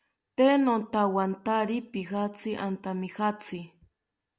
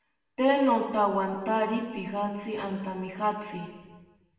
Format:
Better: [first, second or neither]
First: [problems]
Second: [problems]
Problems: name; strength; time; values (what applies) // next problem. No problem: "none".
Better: first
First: none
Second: room echo; dies away in 1.3 s